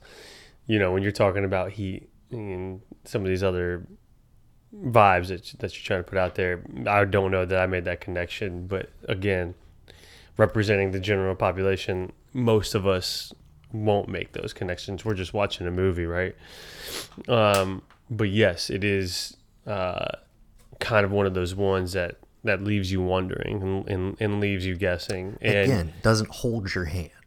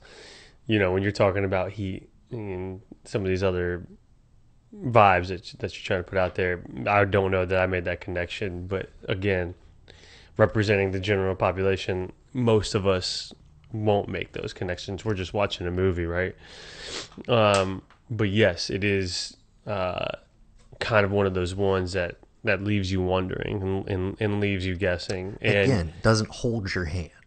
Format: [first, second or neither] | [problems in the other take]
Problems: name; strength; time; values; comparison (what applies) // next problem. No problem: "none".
first | garbled, watery; slightly; nothing above 8.5 kHz